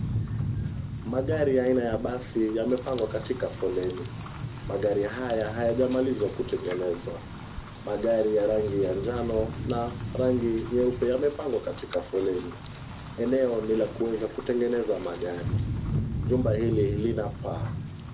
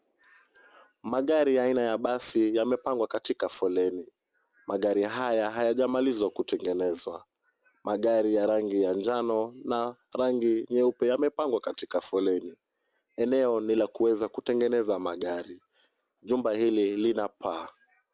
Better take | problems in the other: second | background sound (Rain); 6 dB below the speech // room echo; dies away in 0.3 s

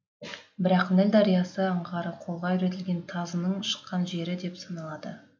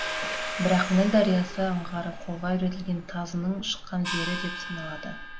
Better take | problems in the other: first | background sound (Domestic sounds, home sounds + Gong); 7 dB below the speech

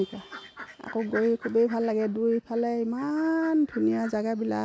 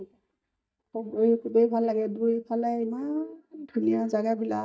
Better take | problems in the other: first | noise reduction (neural mask model DeepFilterNet 3)

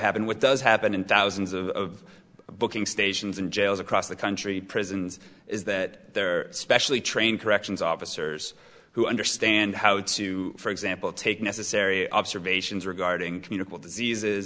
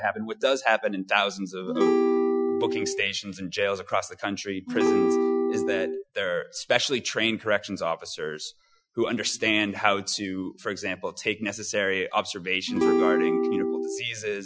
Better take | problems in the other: first | noise reduction (classical method Wiener filter)

